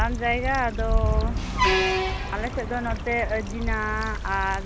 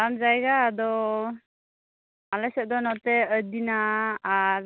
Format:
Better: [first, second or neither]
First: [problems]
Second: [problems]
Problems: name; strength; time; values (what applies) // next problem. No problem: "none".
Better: second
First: background sound (Truck + Stream / Trickle, dribble / Traffic noise, roadway noise); 3 dB above the speech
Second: none